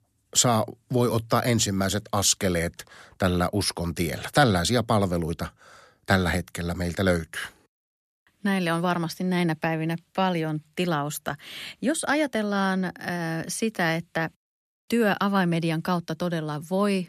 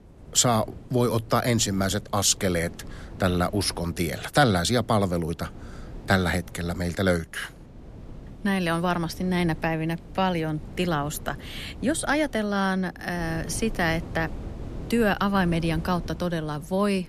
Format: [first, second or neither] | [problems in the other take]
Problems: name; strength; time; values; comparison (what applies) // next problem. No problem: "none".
first | wind noise on the microphone; occasional gusts; 20 dB below the speech